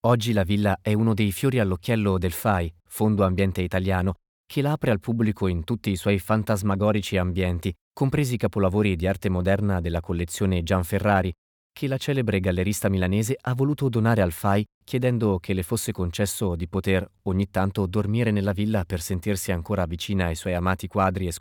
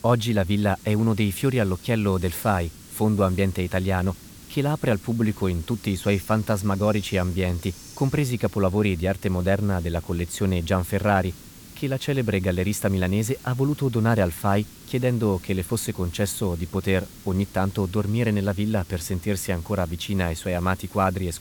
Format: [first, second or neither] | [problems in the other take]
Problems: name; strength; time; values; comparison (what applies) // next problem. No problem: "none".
first | hiss; noticeable; throughout; 20 dB below the speech